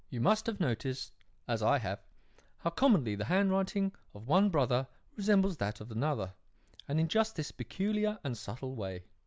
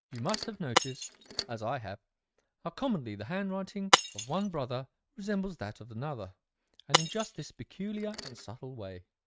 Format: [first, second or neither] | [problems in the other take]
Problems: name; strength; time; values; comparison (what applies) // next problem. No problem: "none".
first | noise reduction (neural mask model RNNoise)